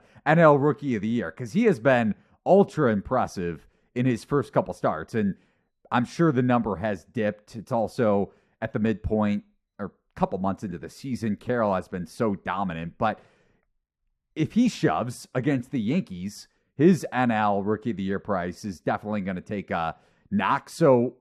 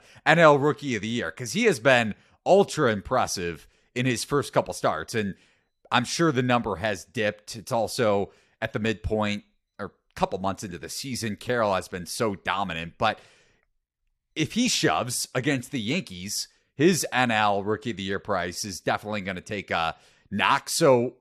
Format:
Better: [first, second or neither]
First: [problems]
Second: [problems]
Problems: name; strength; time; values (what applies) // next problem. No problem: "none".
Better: second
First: muffled; slightly; fading above 2 kHz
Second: none